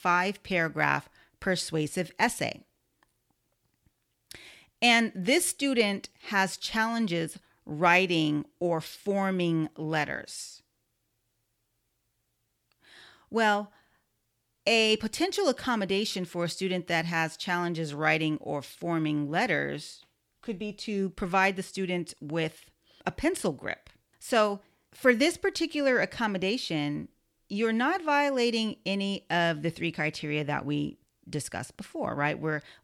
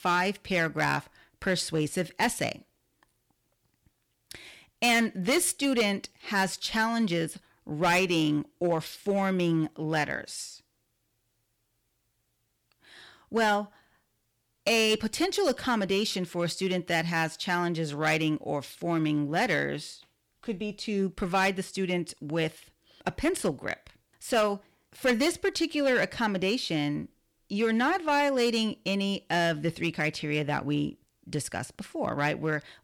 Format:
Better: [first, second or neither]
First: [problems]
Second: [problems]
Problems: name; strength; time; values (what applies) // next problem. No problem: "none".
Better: first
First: none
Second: distortion; slight; 4% of the sound clipped